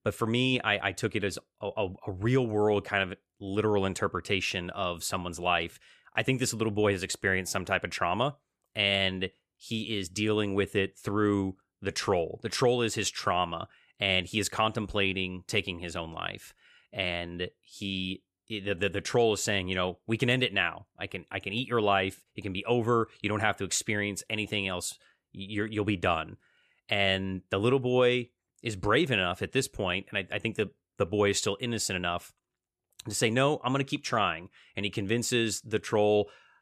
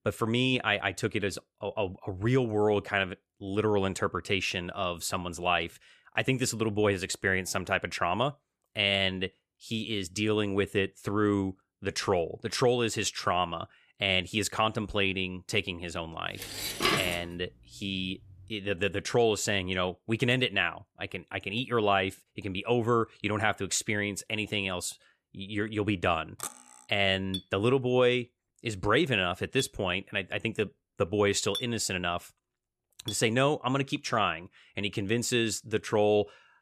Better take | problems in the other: first | clattering dishes; loud; at 16 s; peak 2 dB above the speech // clattering dishes; faint; at 26 s; peak 10 dB below the speech // clattering dishes; noticeable; from 27 to 33 s; peak 8 dB below the speech

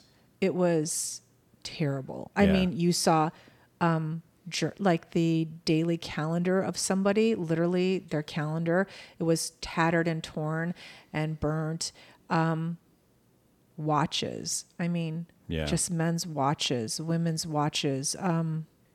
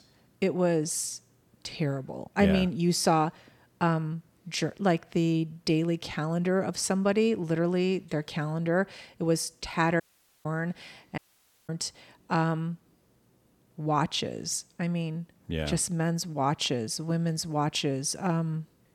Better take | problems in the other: first | audio cutting out; at 10 s and at 11 s for 0.5 s

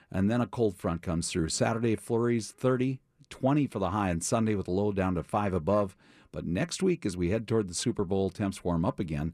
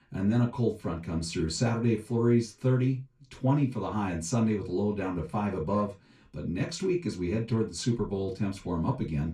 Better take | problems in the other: first | room echo; slight; dies away in 0.2 s // off-mic speech; far

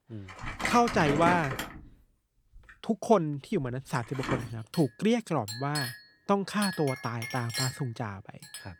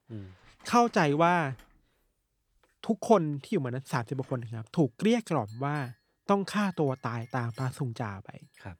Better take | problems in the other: second | household noises; loud; throughout; 6 dB below the speech; faint in the second

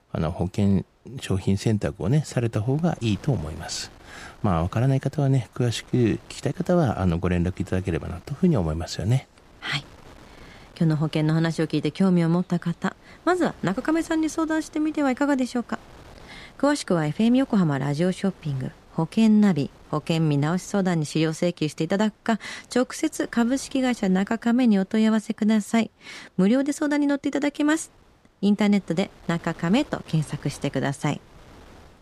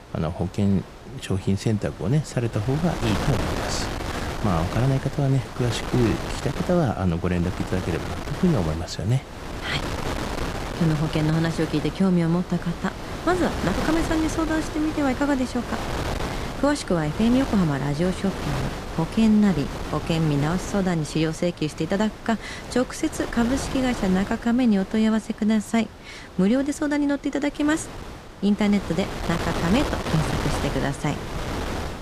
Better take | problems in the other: first | wind noise on the microphone; heavy; 5 dB below the speech; occasional gusts in the first

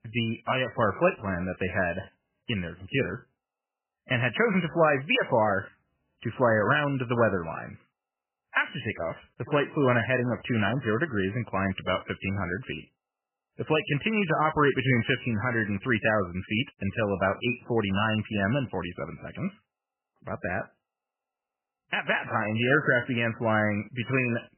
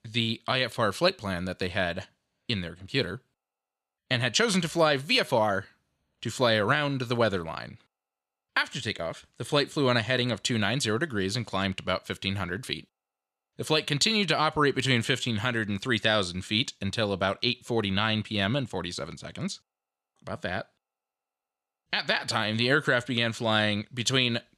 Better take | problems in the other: second | garbled, watery; badly; nothing above 3 kHz

